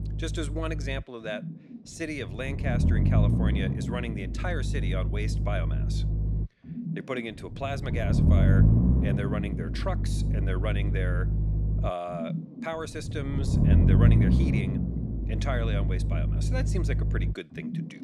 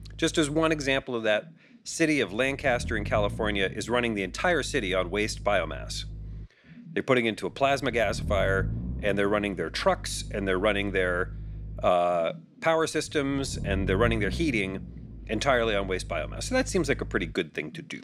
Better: second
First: low rumble; loud; throughout; 2 dB below the speech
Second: low rumble; faint; throughout; 25 dB below the speech

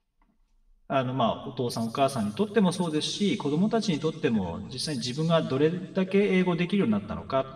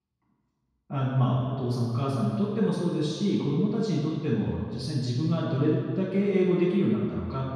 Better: first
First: room echo; slight; dies away in 1.7 s // off-mic speech; somewhat distant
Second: room echo; strong; dies away in 1.9 s // off-mic speech; far

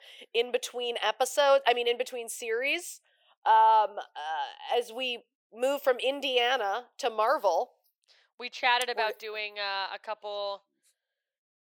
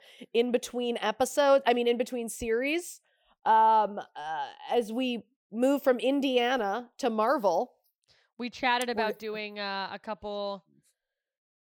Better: second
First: thin; very; fading below 500 Hz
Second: none

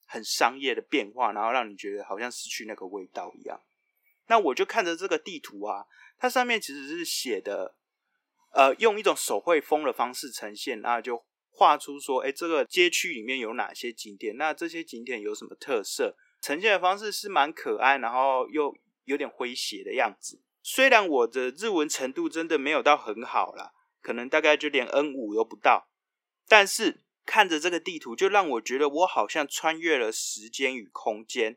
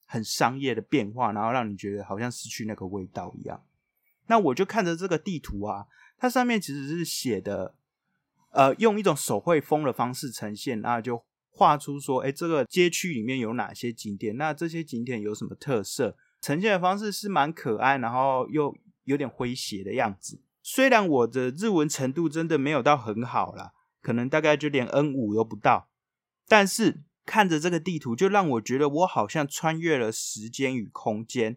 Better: second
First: thin; somewhat; fading below 300 Hz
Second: none

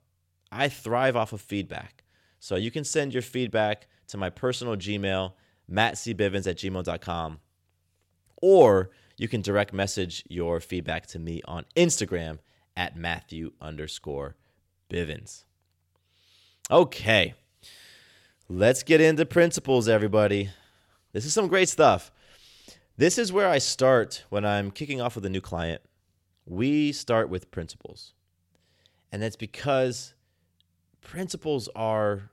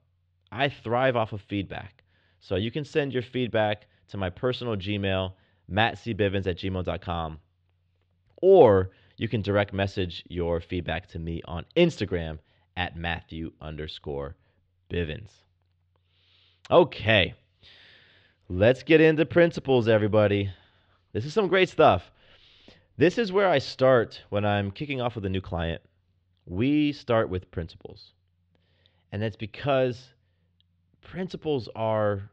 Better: first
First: none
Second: muffled; slightly; fading above 3.5 kHz

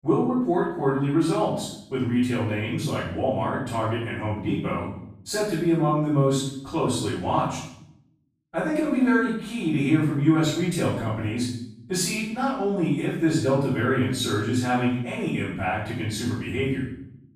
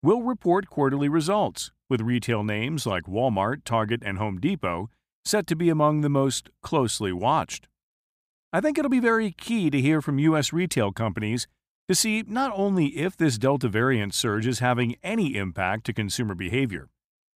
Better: second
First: off-mic speech; far // room echo; noticeable; dies away in 0.7 s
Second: none

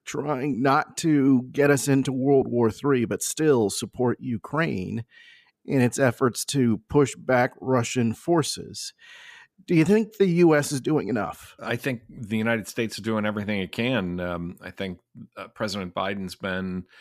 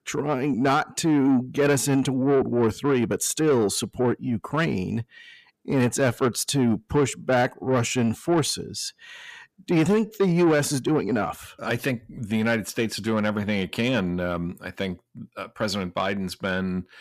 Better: first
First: none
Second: distortion; slight; 10 dB below the speech

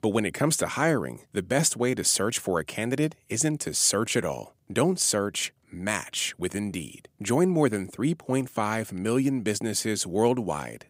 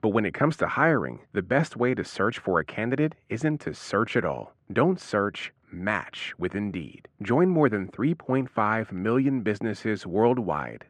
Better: first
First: none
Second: muffled; very; fading above 2 kHz

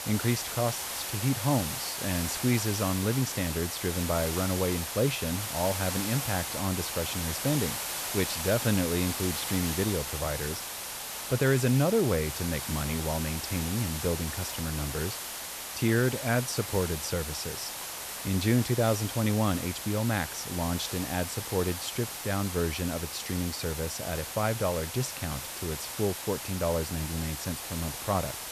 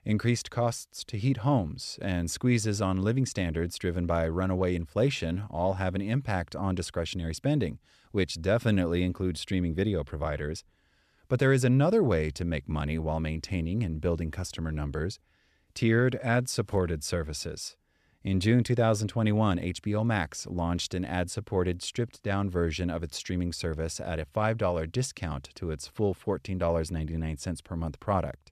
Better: second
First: hiss; loud; throughout; 4 dB below the speech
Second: none

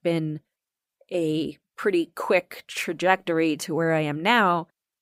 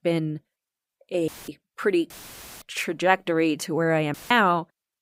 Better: first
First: none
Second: audio cutting out; filled with static; at 1.5 s, at 2 s for 0.5 s and at 4 s

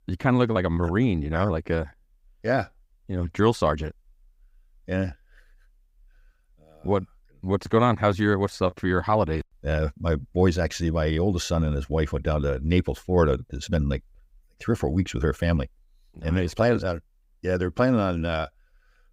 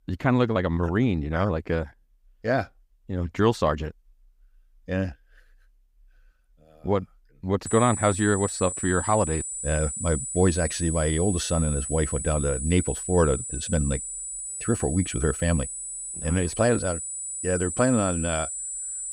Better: first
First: none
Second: high-pitched whine; loud; from 7.5 s on; 8 kHz, 5 dB below the speech

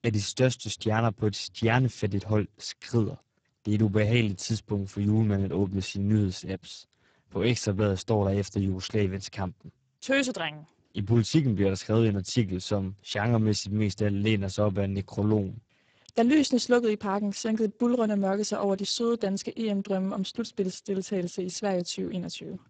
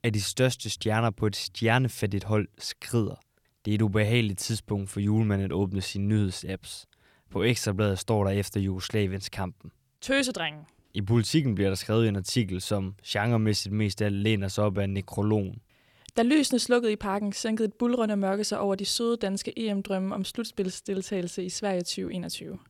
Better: second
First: garbled, watery; badly; nothing above 8 kHz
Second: none

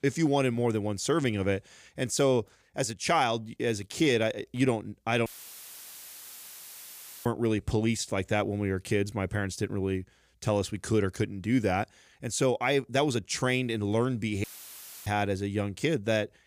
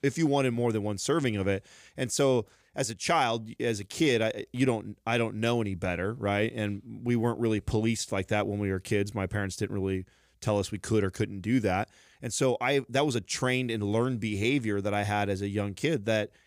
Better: second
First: audio cutting out; filled with static; at 5.5 s for 2 s and at 14 s for 0.5 s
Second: none

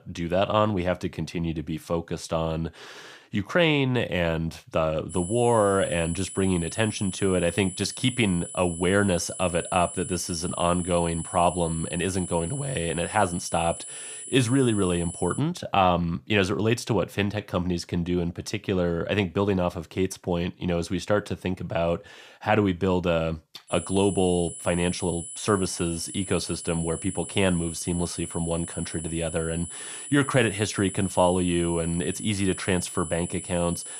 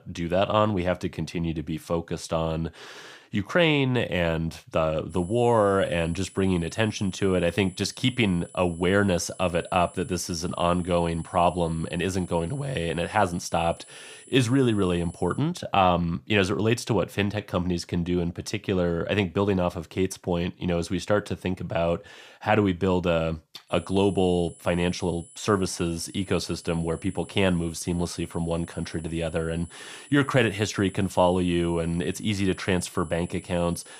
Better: second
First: high-pitched whine; loud; from 5 to 15 s and from 24 s on; 10 kHz, 9 dB below the speech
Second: high-pitched whine; faint; from 5 to 15 s and from 24 s on; 10 kHz, 20 dB below the speech

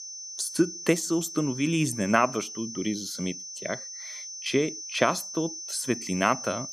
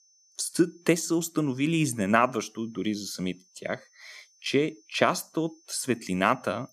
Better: second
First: high-pitched whine; loud; throughout; 6 kHz, 8 dB below the speech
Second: high-pitched whine; faint; throughout; 6 kHz, 30 dB below the speech

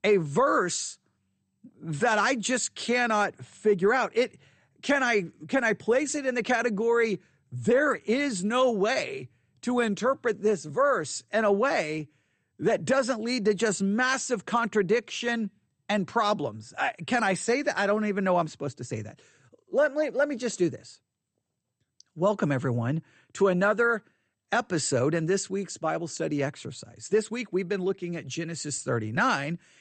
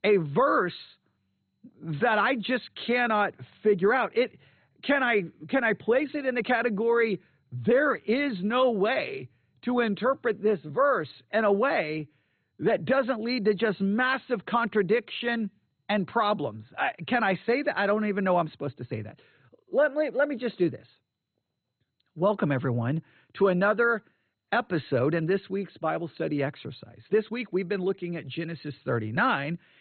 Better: first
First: garbled, watery; slightly; nothing above 8.5 kHz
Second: garbled, watery; badly; nothing above 4 kHz

